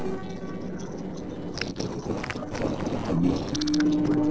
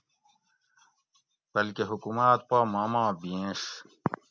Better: second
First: noise reduction (neural separator model SepFormer DNS4)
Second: none

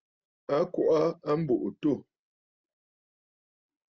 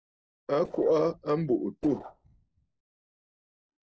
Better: first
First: none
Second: noise reduction (neural separator model SepFormer DNS4)

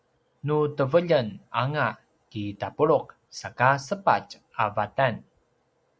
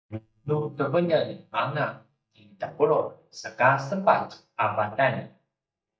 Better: first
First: none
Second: noise reduction (neural mask model DeepFilterNet 3)

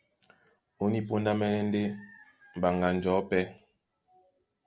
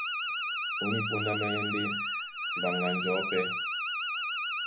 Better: first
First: none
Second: background sound (Alarm); 2 dB above the speech // room echo; dies away in 0.3 s

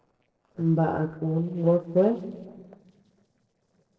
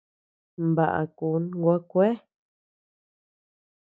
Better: second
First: noise reduction (neural separator model SepFormer DNS4)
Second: none

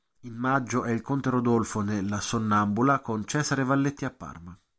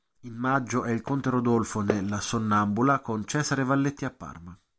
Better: first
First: none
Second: background sound (Fireworks); 13 dB below the speech

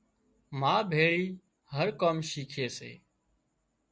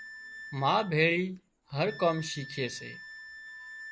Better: first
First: none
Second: background sound (Wind instrument, woodwind instrument); 15 dB below the speech

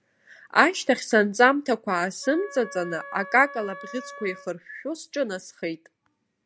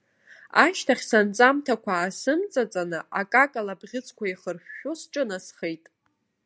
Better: second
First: background sound (Wind instrument, woodwind instrument); 15 dB below the speech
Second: none

